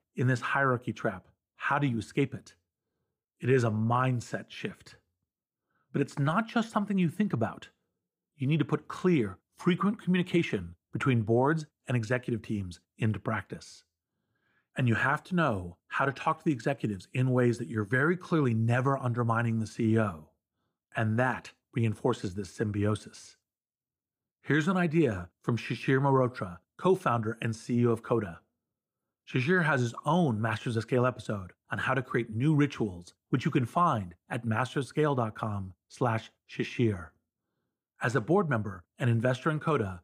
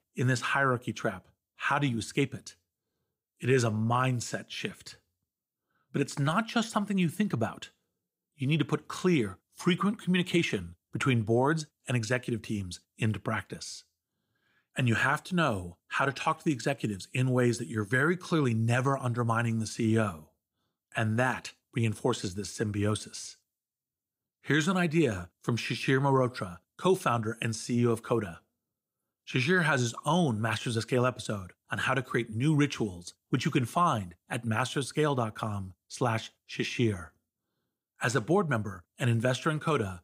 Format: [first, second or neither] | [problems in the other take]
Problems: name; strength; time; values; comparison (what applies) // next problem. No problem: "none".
second | muffled; slightly; fading above 2.5 kHz